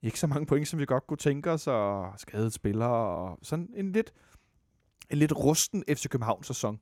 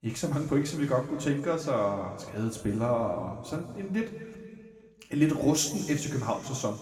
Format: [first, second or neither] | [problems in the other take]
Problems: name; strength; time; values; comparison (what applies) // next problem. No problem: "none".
first | room echo; noticeable; dies away in 2.1 s // off-mic speech; somewhat distant